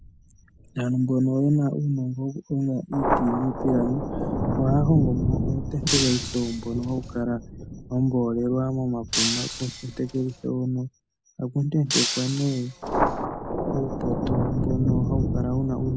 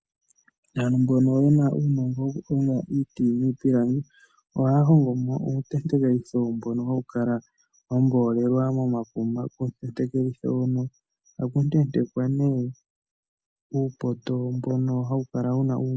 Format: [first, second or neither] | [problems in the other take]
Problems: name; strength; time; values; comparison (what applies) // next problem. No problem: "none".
second | background sound (Shatter + Thunder); 2 dB below the speech